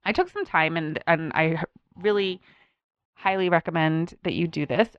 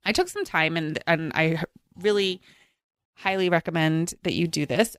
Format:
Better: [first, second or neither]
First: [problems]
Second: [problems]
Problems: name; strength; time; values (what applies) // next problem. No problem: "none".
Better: second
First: muffled; slightly; fading above 3 kHz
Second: none